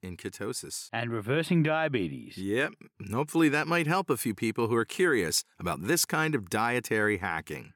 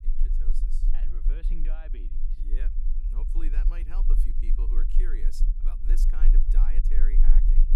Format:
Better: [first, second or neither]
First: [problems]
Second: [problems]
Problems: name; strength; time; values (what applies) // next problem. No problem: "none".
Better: first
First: none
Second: low rumble; loud; throughout; 5 dB below the speech